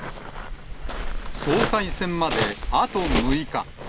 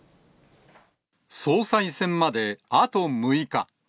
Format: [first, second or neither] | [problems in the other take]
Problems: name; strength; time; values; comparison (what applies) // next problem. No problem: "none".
second | background sound (Waves, surf); 1 dB below the speech